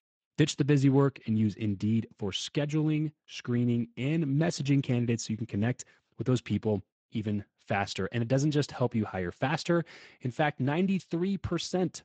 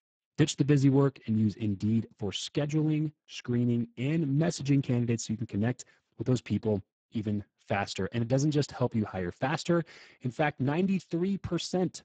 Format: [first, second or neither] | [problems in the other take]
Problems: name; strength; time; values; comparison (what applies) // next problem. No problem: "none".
first | garbled, watery; badly; nothing above 7.5 kHz; slightly in the first